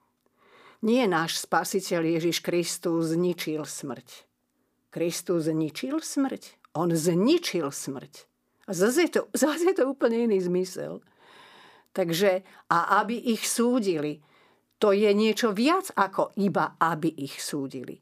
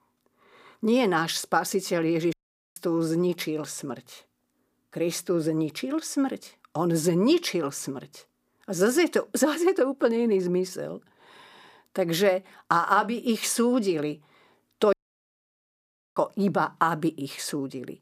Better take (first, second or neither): first